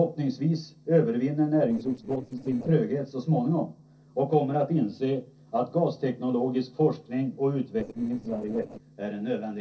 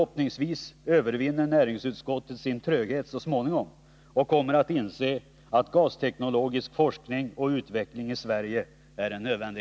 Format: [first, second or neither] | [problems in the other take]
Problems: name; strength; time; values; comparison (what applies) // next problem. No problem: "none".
second | noise reduction (neural separator model SepFormer DNS4)